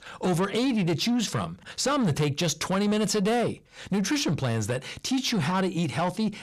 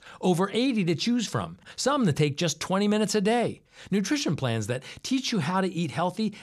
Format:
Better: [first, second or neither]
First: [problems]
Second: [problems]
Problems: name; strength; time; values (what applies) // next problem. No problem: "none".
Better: second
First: distortion; slight; 10 dB below the speech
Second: none